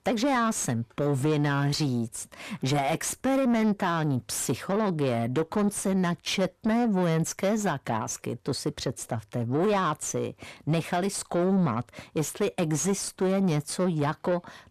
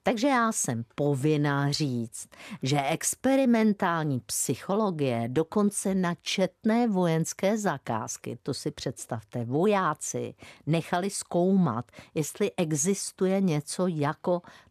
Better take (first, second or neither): second